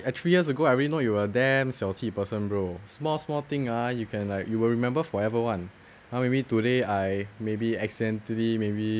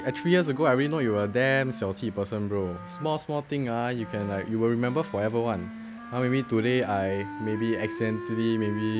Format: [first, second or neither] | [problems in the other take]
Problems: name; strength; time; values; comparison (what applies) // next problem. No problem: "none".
first | background sound (Wind instrument, woodwind instrument); 12 dB below the speech